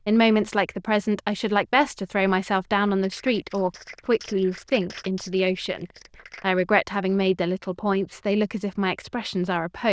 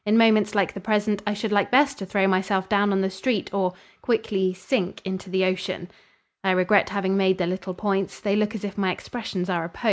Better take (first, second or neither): second